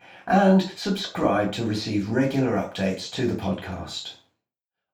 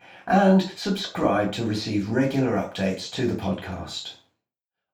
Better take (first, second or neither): neither